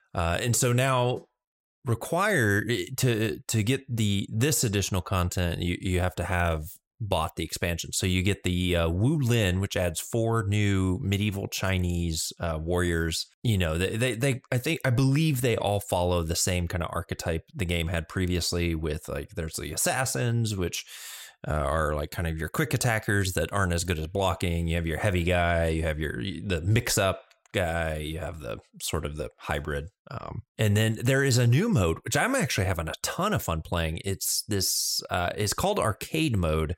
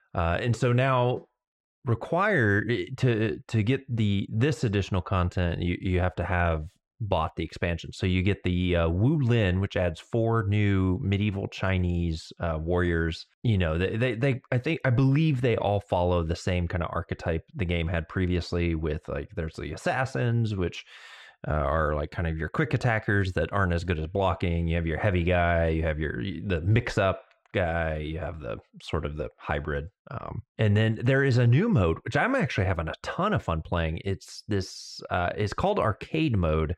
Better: first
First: none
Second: muffled; slightly; fading above 2.5 kHz

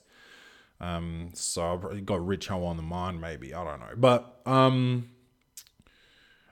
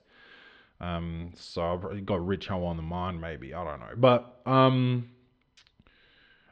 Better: first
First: none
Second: muffled; slightly; fading above 4 kHz

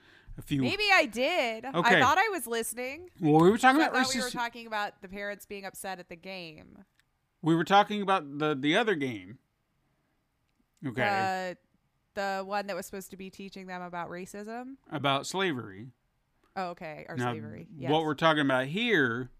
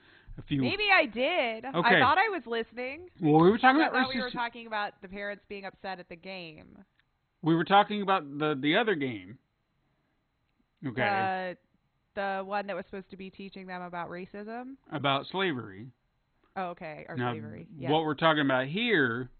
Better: first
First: none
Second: garbled, watery; badly; nothing above 4 kHz

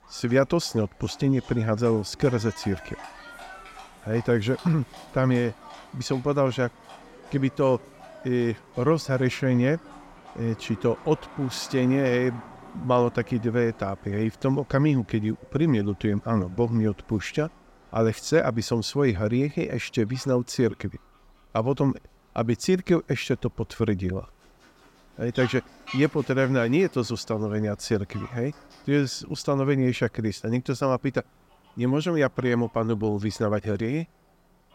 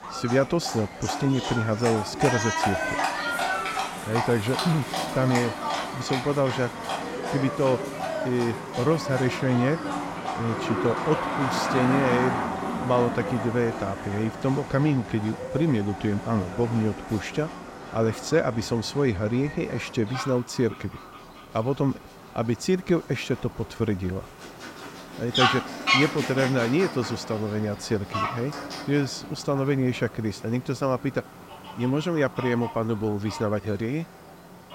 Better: first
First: animal sounds; faint; throughout; 20 dB below the speech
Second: animal sounds; loud; throughout; 4 dB below the speech

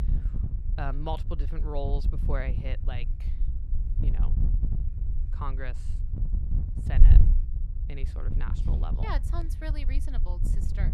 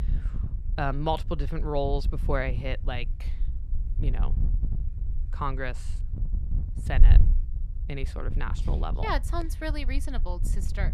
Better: second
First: wind noise on the microphone; heavy; 7 dB below the speech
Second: wind noise on the microphone; occasional gusts; 15 dB below the speech

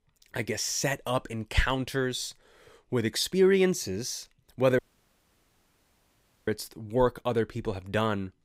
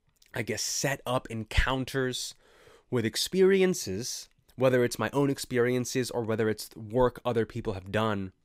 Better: second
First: audio cutting out; at 5 s for 1.5 s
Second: none

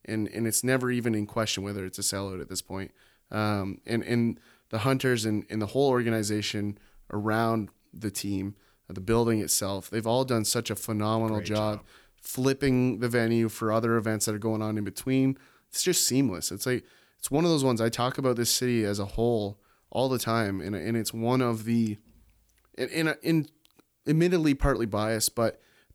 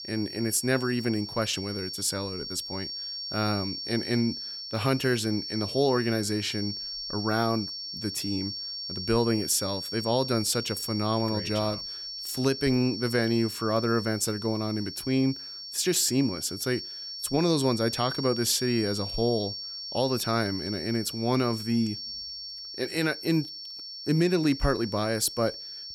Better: first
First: none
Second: high-pitched whine; loud; throughout; 5.5 kHz, 7 dB below the speech

